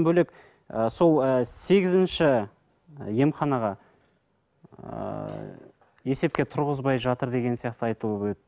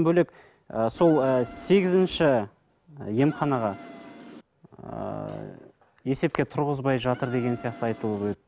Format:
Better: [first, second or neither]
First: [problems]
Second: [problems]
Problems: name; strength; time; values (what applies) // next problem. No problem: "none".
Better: first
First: none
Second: background sound (Insect); 16 dB below the speech